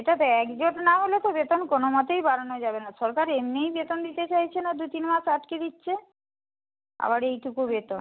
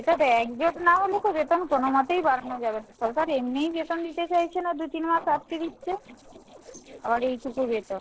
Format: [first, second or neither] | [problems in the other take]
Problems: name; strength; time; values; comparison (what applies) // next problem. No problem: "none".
first | noise reduction (neural separator model SepFormer DNS4)